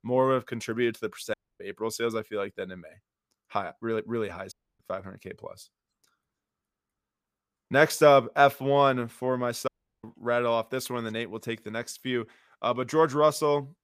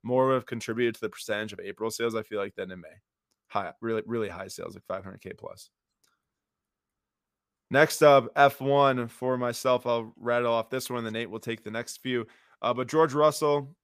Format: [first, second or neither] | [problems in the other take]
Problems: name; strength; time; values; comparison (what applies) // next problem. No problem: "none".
second | audio cutting out; at 1.5 s, at 4.5 s and at 9.5 s